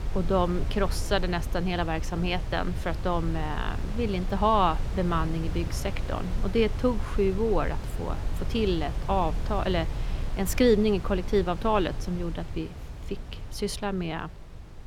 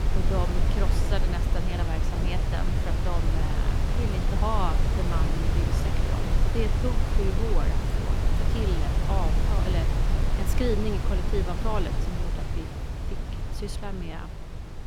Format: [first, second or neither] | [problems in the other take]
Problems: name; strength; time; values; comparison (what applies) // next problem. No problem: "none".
first | wind noise on the microphone; heavy; 1 dB below the speech; occasional gusts in the first